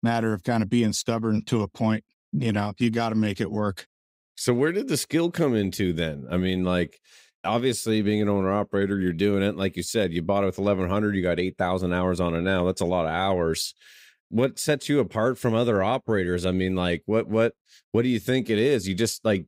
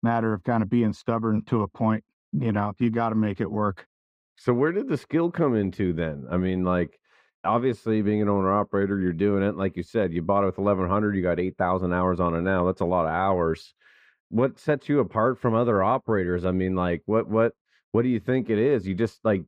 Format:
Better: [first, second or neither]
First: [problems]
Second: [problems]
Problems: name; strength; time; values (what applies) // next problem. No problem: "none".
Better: first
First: none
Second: muffled; very; fading above 3.5 kHz